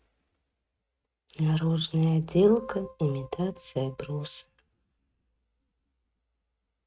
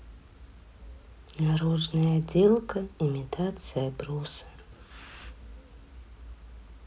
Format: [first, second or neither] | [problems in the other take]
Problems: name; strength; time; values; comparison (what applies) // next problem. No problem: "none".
second | noise reduction (neural mask model RNNoise)